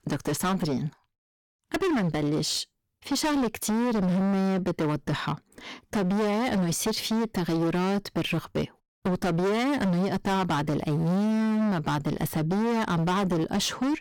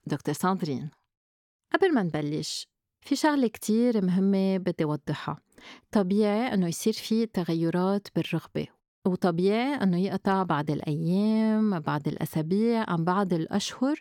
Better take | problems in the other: second | distortion; heavy; 29% of the sound clipped

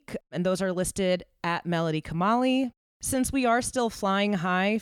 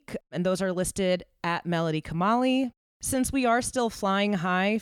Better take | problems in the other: neither | none

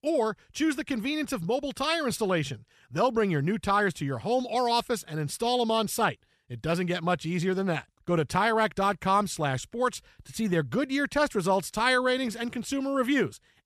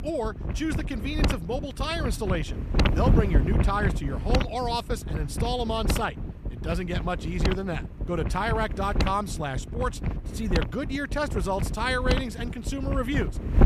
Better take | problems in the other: first | wind noise on the microphone; heavy; 6 dB below the speech

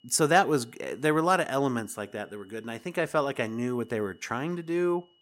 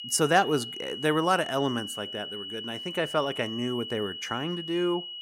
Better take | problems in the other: first | high-pitched whine; loud; throughout; 3 kHz, 8 dB below the speech; faint in the first

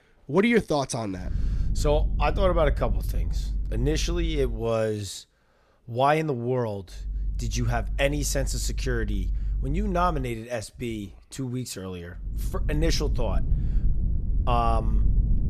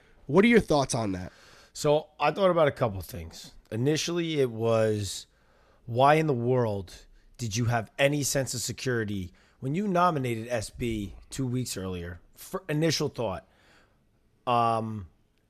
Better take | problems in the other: second | low rumble; noticeable; from 1.5 to 4.5 s, from 7 to 10 s and from 12 s on; 20 dB below the speech

